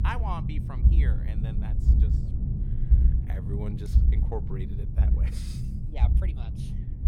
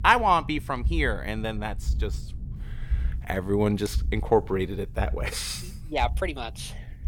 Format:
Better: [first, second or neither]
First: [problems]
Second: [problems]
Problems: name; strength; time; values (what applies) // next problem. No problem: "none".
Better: second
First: low rumble; loud; throughout; 1 dB below the speech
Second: low rumble; faint; throughout; 25 dB below the speech